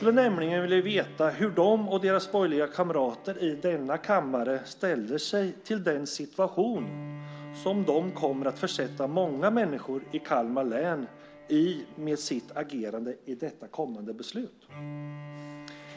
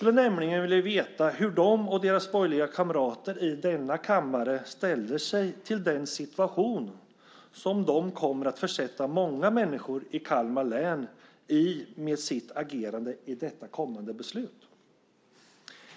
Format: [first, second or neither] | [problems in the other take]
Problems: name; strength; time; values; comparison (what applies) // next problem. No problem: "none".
second | background sound (Bowed string instrument); 18 dB below the speech